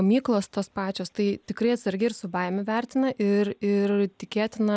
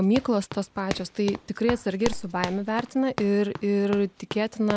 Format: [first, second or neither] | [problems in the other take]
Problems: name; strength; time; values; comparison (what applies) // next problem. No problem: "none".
first | background sound (Run); 11 dB below the speech